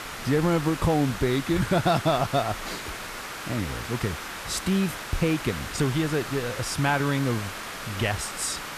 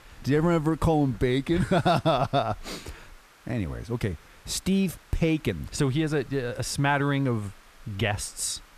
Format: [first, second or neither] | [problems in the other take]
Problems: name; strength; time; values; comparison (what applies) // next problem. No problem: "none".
second | hiss; loud; throughout; 8 dB below the speech; faint in the second